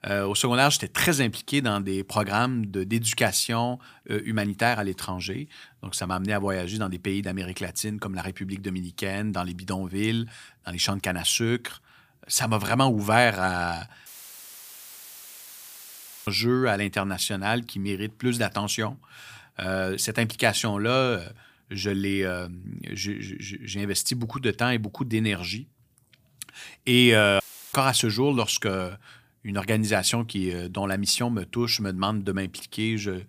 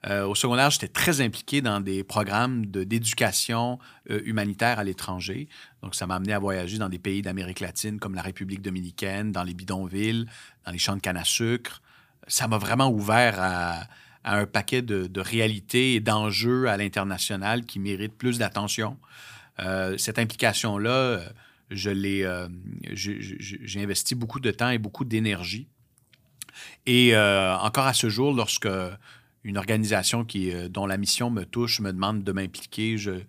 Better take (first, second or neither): second